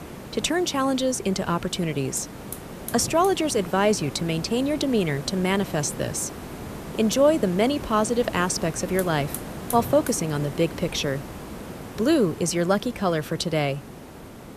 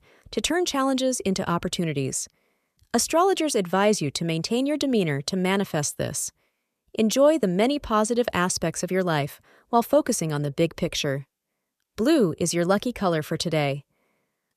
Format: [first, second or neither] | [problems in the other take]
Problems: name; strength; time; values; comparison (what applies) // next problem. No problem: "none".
second | hiss; noticeable; throughout; 10 dB below the speech